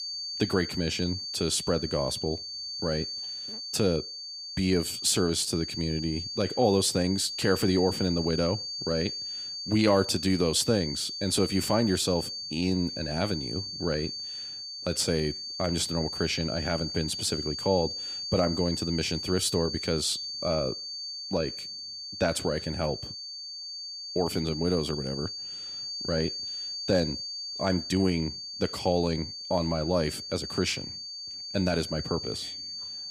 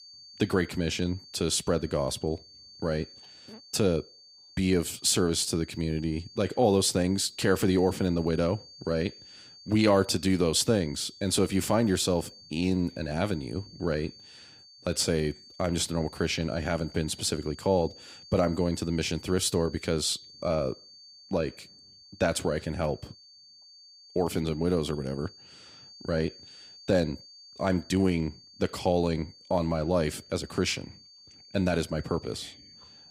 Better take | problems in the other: second | high-pitched whine; loud; throughout; 4.5 kHz, 5 dB below the speech; faint in the second

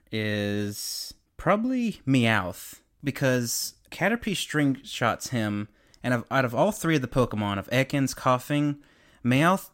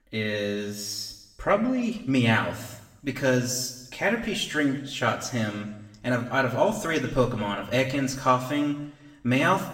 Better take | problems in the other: first | room echo; slight; dies away in 0.9 s // off-mic speech; far

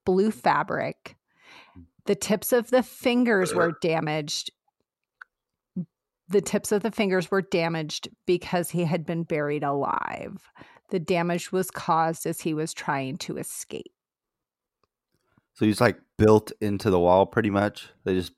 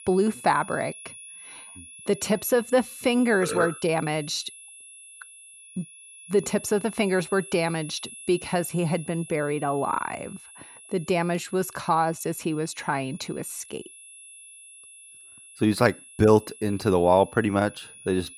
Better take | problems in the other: first | high-pitched whine; noticeable; throughout; 10.5 kHz, 15 dB below the speech

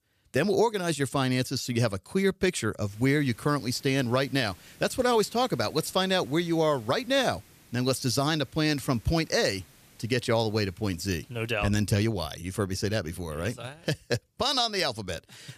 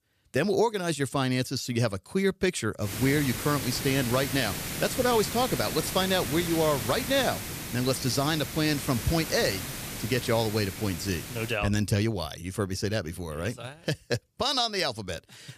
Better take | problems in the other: first | hiss; loud; from 3 to 12 s; 6 dB below the speech; faint in the first

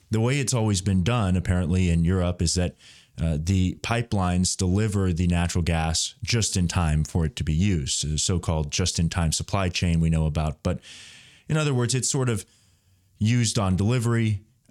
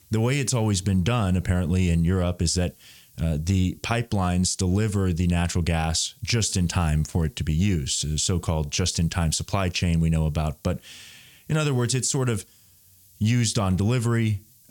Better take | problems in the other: first | hiss; faint; throughout; 30 dB below the speech

